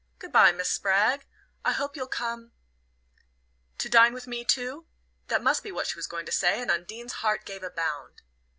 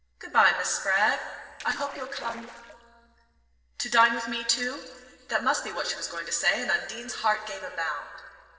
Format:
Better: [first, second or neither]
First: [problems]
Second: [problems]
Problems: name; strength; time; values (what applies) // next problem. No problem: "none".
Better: first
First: none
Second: noise reduction (neural separator model SepFormer DNS4)